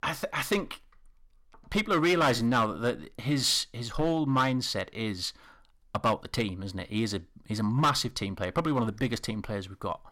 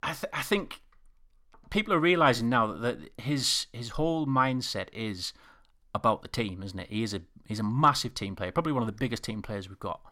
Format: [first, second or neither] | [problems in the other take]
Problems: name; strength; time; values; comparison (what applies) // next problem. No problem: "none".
second | distortion; slight; 4% of the sound clipped